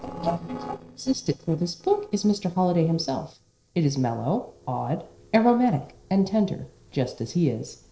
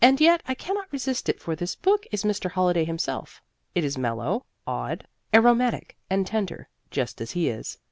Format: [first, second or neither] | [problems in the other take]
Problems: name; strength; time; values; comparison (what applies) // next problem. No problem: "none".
second | noise reduction (neural separator model SepFormer DNS4)